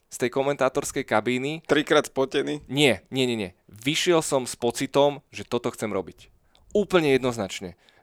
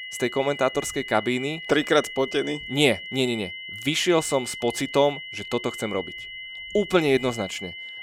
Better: first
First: none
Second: high-pitched whine; noticeable; throughout; 2 kHz, 10 dB below the speech

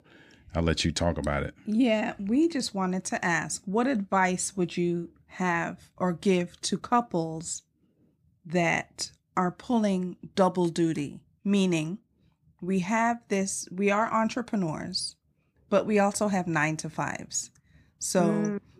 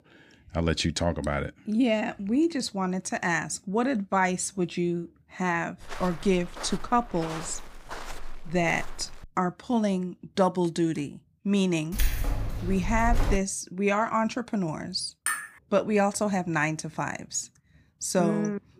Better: first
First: none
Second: footsteps; faint; from 6 to 9.5 s; peak 10 dB below the speech // jangling keys; noticeable; from 12 to 13 s; peak 2 dB below the speech // clattering dishes; noticeable; at 15 s; peak 2 dB below the speech

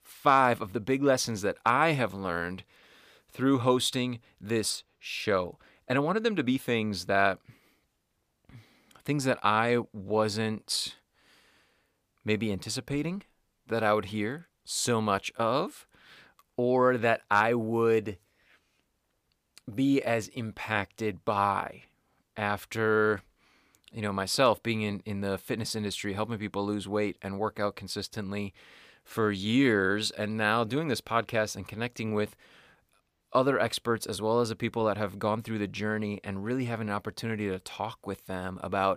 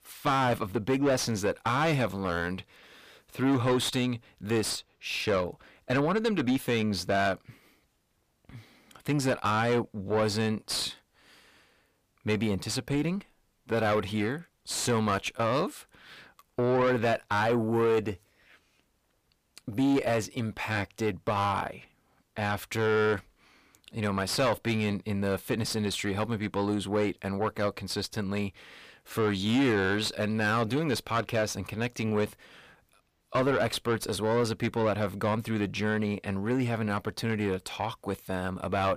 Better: first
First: none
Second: distortion; heavy; 7 dB below the speech

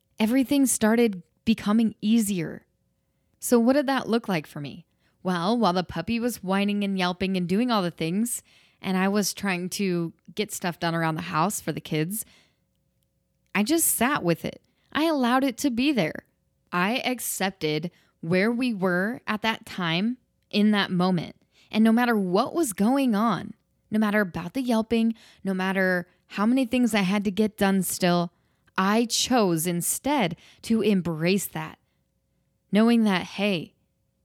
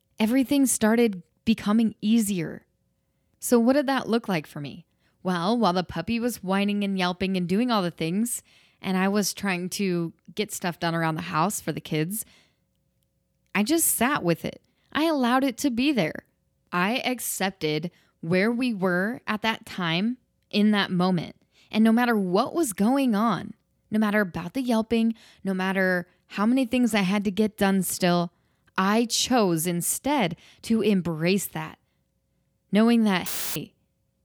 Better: first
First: none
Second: audio cutting out; filled with static; at 33 s

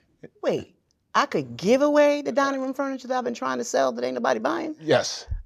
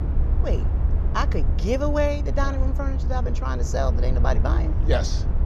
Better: first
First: none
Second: low rumble; noticeable; throughout; 10 dB below the speech

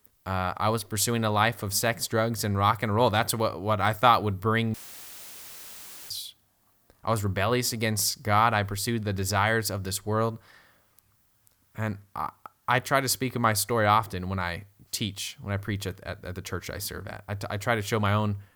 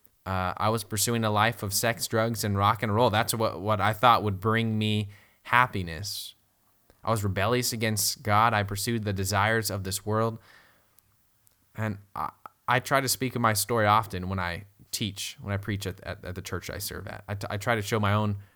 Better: second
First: audio cutting out; filled with static; at 4.5 s for 1.5 s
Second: none

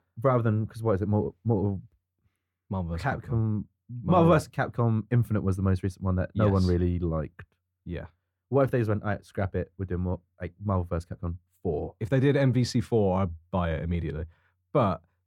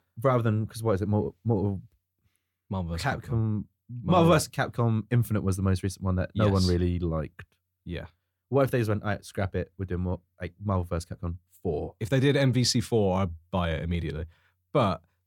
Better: second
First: muffled; slightly; fading above 2.5 kHz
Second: none

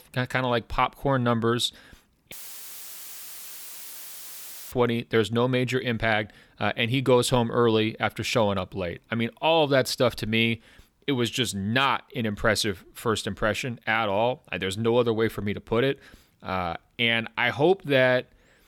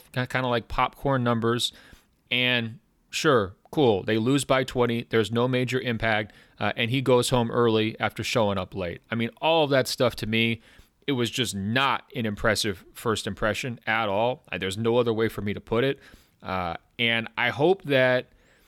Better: second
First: audio cutting out; filled with static; at 2.5 s for 2.5 s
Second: none

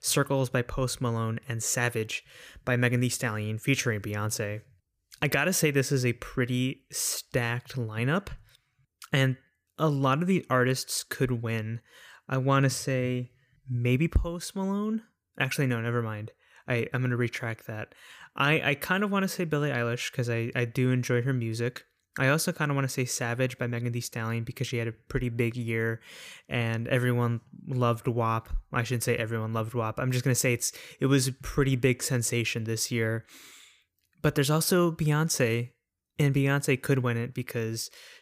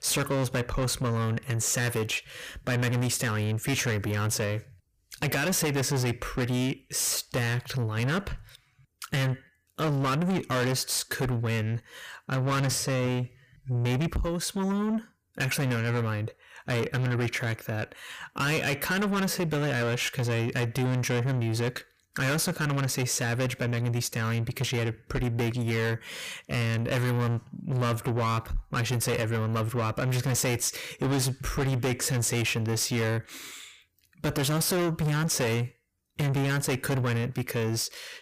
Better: first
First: none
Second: distortion; heavy; 6 dB below the speech

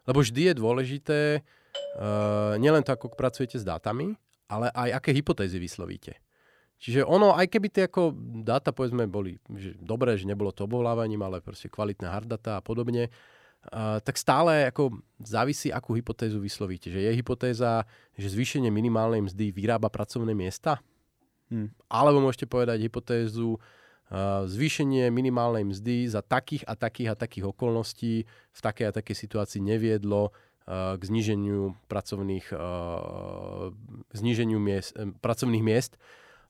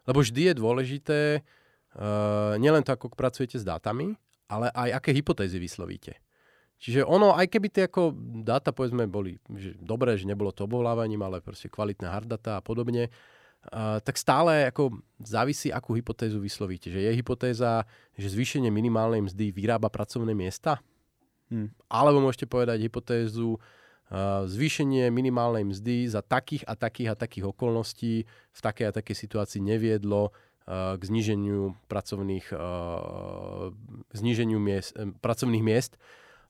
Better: second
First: doorbell; noticeable; from 1.5 to 3 s; peak 9 dB below the speech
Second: none

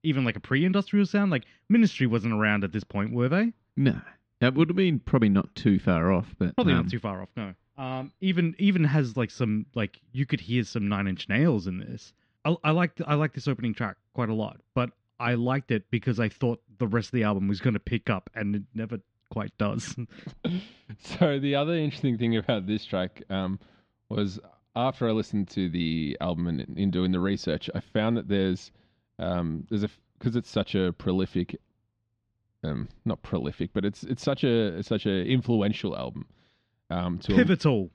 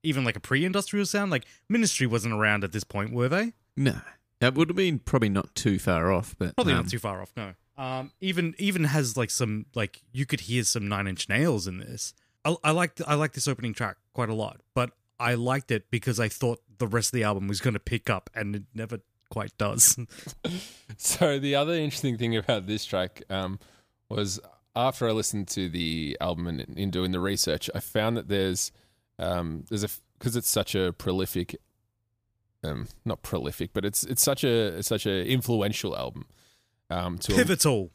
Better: second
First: muffled; slightly; fading above 4 kHz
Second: none

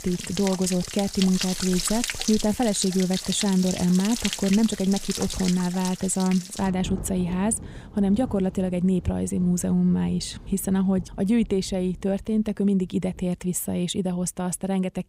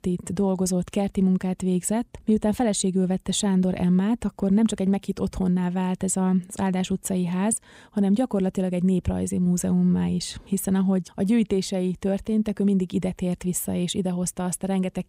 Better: second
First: rain or running water; loud; throughout; 8 dB below the speech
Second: none

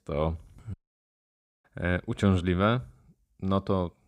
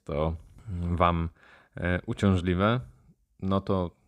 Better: second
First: audio cutting out; at 0.5 s for 1 s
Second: none

